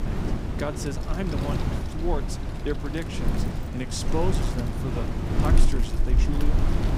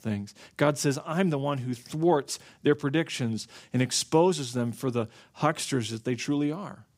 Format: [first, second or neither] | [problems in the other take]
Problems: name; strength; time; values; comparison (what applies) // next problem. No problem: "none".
second | wind noise on the microphone; heavy; 1 dB below the speech